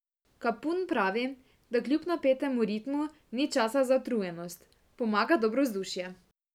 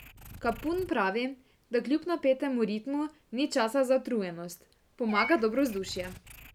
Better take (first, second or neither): first